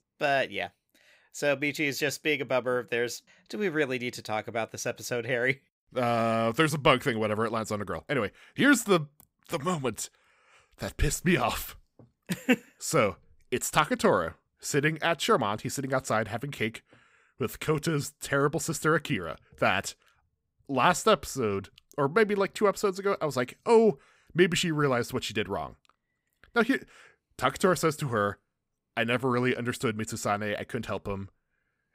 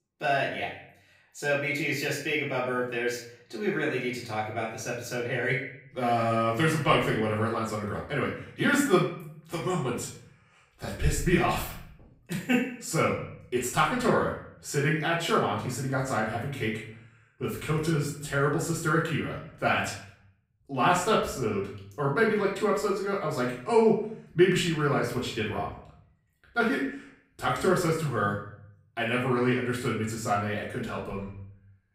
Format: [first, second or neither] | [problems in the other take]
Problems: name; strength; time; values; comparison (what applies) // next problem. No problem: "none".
first | off-mic speech; far // room echo; noticeable; dies away in 0.6 s